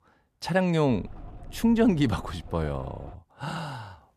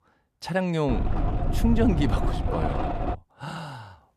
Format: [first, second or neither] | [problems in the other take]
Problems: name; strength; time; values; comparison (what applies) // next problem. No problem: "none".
first | low rumble; loud; from 1 to 3 s; 2 dB below the speech; faint in the first